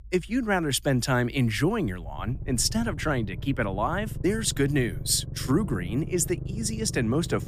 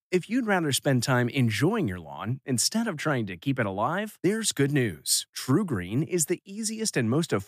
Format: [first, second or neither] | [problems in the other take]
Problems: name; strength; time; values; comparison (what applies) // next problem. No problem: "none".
second | low rumble; noticeable; throughout; 20 dB below the speech